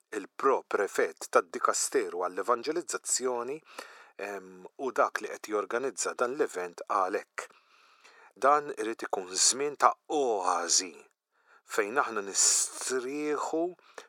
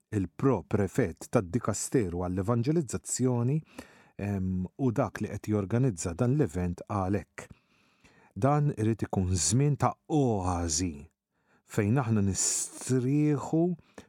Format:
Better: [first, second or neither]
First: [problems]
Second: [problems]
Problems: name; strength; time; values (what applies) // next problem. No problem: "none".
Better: second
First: thin; very; fading below 400 Hz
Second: none